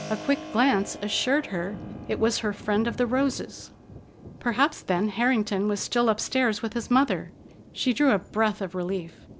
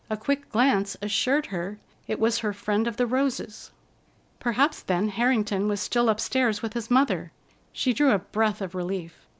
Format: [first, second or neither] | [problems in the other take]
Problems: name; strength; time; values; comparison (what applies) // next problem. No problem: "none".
second | background sound (Thunder + Keyboard (musical)); 16 dB below the speech